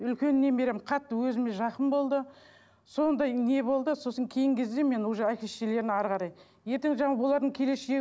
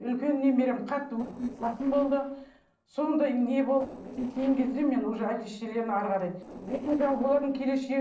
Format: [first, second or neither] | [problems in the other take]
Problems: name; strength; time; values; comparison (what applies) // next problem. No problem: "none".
first | noise reduction (neural separator model SepFormer DNS4)